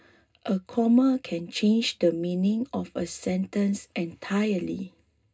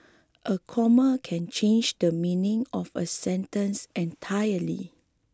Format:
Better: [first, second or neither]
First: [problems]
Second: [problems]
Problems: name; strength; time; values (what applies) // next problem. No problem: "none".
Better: second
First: room echo; dies away in 0.2 s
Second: none